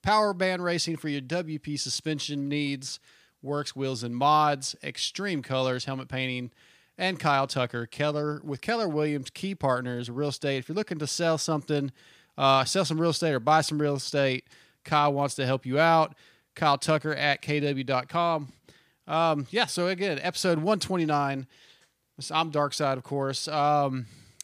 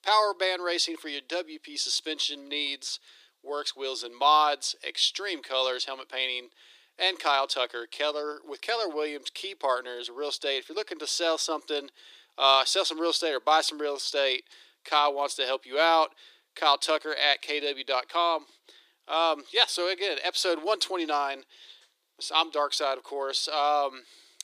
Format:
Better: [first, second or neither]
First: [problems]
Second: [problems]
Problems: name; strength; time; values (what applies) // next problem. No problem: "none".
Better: first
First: none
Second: thin; very; fading below 350 Hz